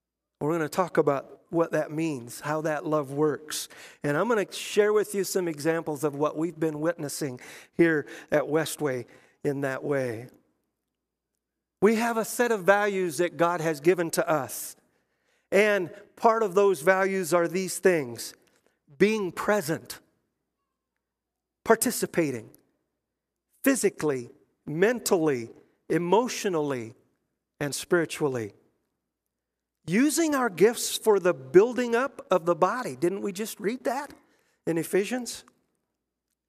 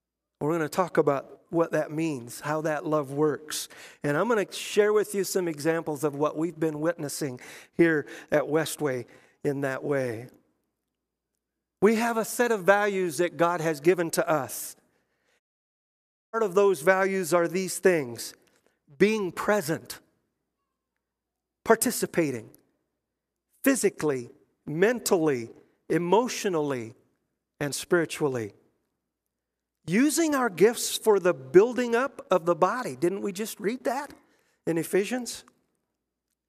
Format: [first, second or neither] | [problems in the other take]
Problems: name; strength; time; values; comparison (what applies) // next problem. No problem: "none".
first | audio cutting out; at 15 s for 1 s